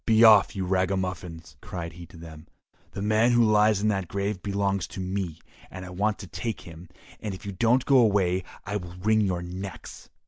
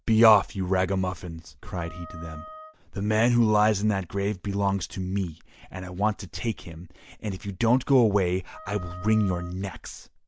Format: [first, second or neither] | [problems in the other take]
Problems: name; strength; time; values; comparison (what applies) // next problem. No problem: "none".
first | background sound (Wind instrument, woodwind instrument); 18 dB below the speech